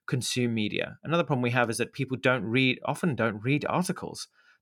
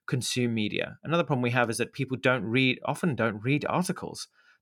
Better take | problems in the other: neither | none

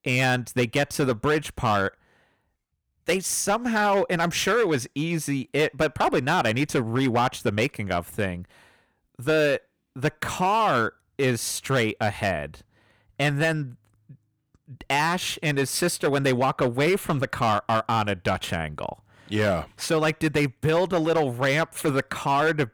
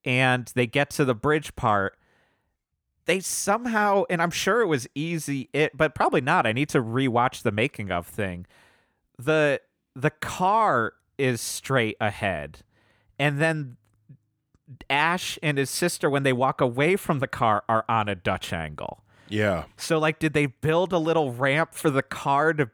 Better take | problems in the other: second | distortion; slight; 7% of the sound clipped

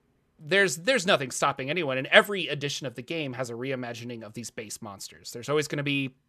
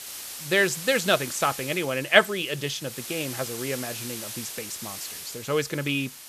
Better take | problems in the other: first | hiss; loud; throughout; 10 dB below the speech

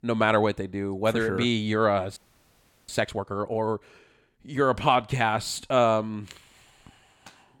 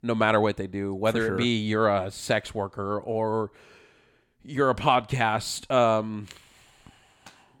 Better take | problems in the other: second | audio freezing; at 2 s for 0.5 s

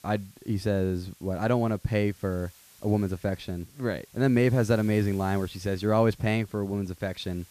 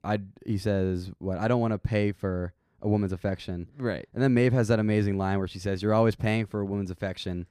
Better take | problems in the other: second | hiss; faint; throughout; 25 dB below the speech

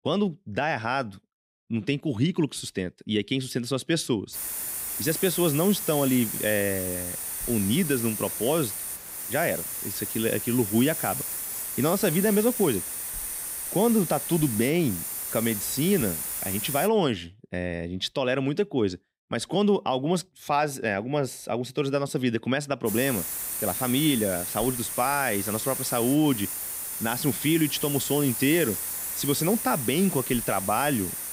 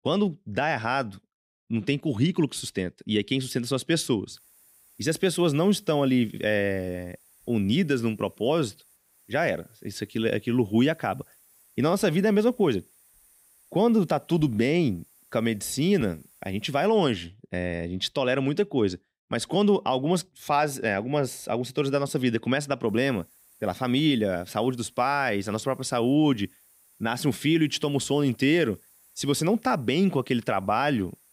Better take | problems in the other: second | hiss; loud; from 4.5 to 17 s and from 23 s on; 3 dB below the speech; faint in the second

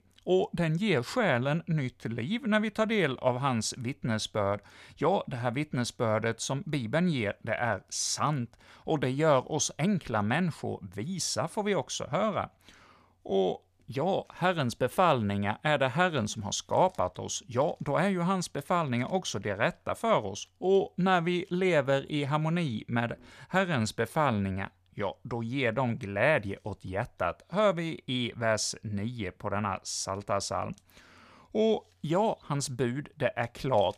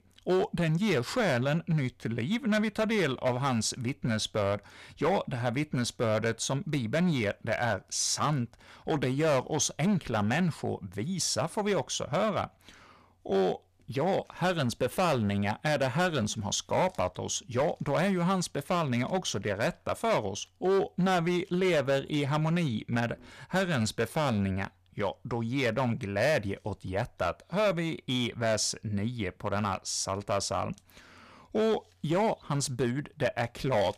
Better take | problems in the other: first | distortion; slight; 7% of the sound clipped

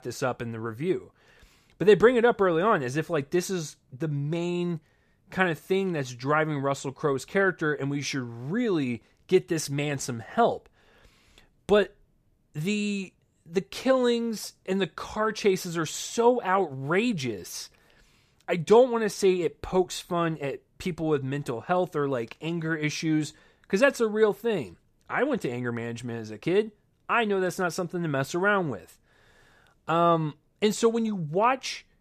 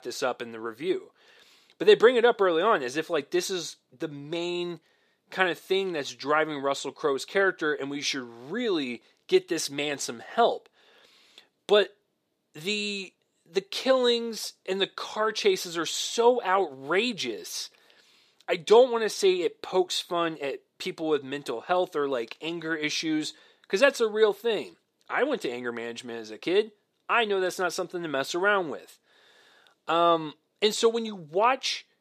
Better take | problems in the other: first | thin; somewhat; fading below 350 Hz

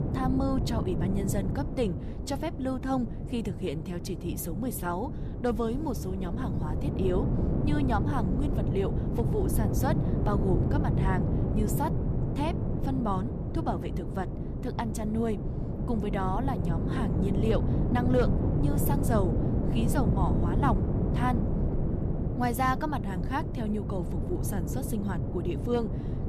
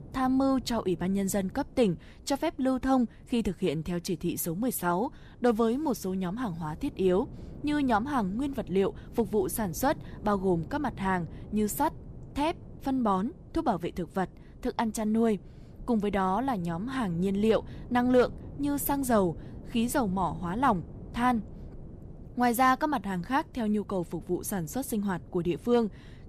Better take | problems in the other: second | wind noise on the microphone; heavy; 4 dB below the speech; occasional gusts in the second

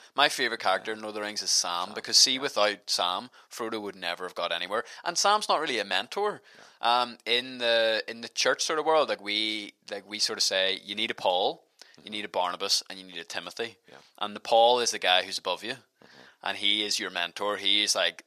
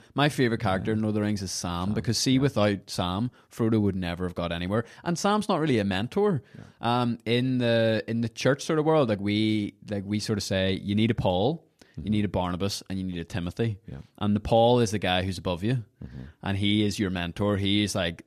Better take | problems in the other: second | thin; very; fading below 750 Hz

